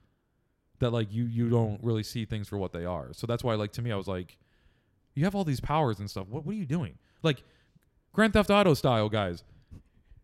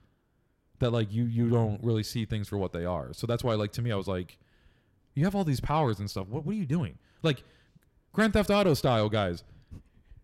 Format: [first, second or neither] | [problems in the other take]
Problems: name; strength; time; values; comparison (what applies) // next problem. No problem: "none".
first | distortion; slight; 10 dB below the speech